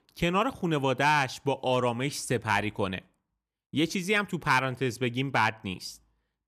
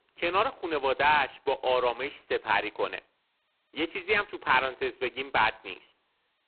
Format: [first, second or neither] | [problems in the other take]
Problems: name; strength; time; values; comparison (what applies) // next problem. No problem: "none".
first | phone-call audio; poor line; nothing above 4 kHz